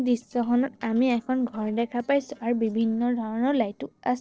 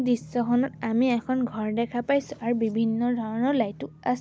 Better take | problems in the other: second | noise reduction (neural separator model SepFormer DNS4)

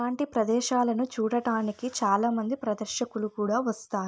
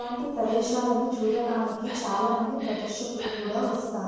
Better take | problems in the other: first | noise reduction (neural separator model SepFormer DNS4)

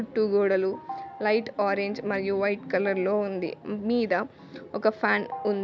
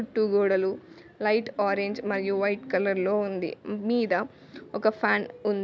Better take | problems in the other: second | background sound (Organ); 18 dB below the speech

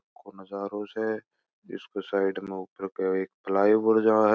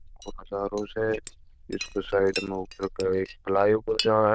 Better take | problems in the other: first | noise reduction (neural diffusion model UNIVERSE++)

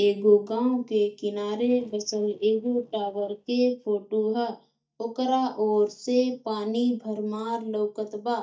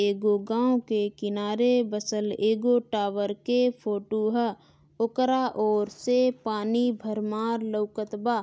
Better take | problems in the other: second | noise reduction (neural mask model DeepFilterNet 3)

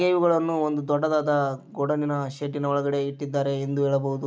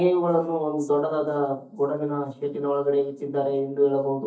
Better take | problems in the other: first | noise reduction (neural mask model DeepFilterNet 3)

